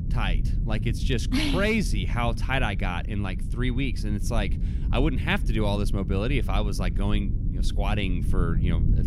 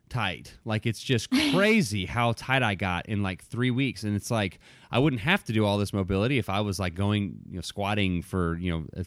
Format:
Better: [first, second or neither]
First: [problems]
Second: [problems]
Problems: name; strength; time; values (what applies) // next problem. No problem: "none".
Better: second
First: low rumble; noticeable; throughout; 15 dB below the speech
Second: none